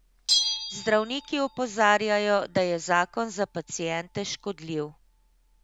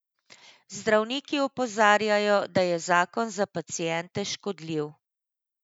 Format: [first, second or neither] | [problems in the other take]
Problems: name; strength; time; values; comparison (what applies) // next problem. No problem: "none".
second | background sound (Bell); 8 dB below the speech